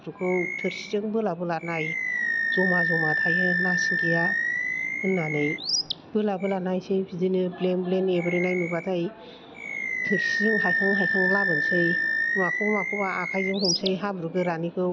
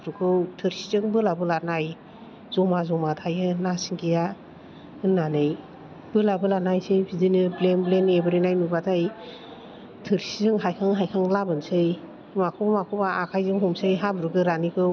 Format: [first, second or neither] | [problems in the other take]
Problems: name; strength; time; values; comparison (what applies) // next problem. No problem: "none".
second | background sound (Animal); 1 dB below the speech